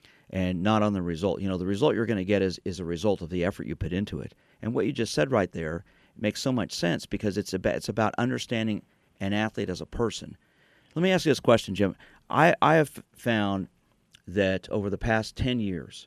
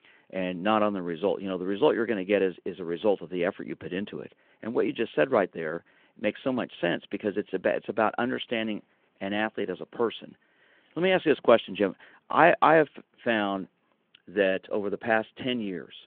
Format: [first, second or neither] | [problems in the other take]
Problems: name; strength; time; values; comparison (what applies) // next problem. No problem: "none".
first | phone-call audio